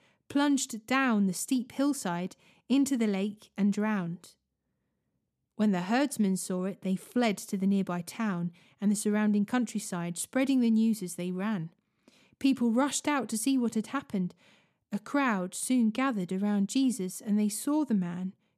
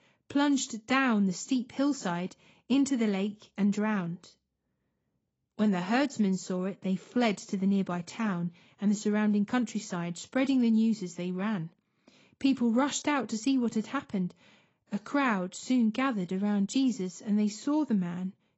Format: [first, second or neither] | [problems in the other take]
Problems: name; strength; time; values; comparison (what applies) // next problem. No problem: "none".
first | garbled, watery; badly; nothing above 8 kHz